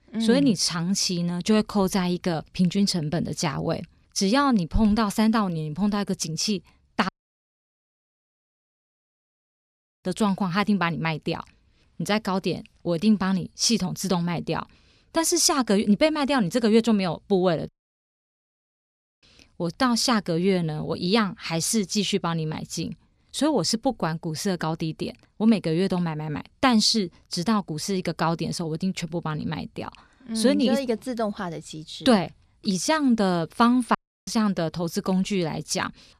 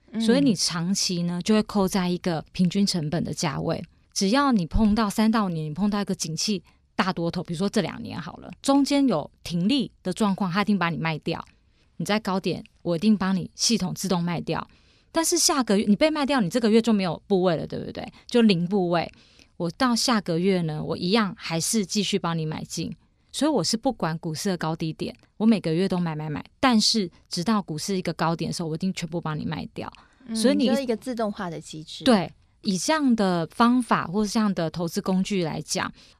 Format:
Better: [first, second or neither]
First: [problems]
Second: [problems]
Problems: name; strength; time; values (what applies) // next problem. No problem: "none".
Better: second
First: audio cutting out; at 7 s for 3 s, at 18 s for 1.5 s and at 34 s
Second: none